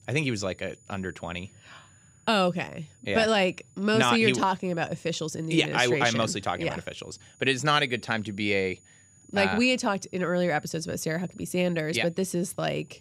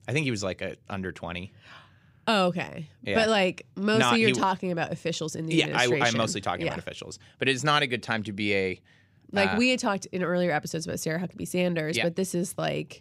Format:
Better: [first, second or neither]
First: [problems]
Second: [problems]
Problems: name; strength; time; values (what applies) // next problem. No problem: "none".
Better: second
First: high-pitched whine; faint; throughout; 7 kHz, 30 dB below the speech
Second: none